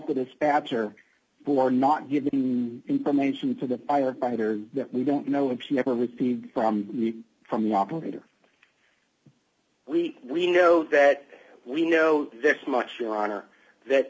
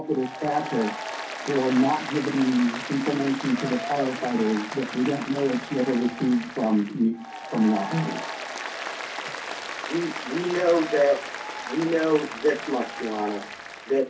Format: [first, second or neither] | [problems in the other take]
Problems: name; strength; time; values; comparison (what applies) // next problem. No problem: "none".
first | background sound (Applause); 9 dB below the speech // room echo; dies away in 0.3 s